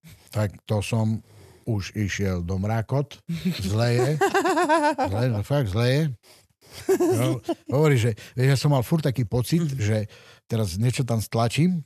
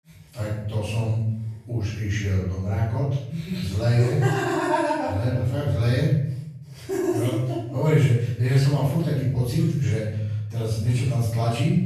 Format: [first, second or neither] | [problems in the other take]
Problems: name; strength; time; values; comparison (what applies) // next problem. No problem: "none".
first | off-mic speech; far // room echo; strong; dies away in 0.8 s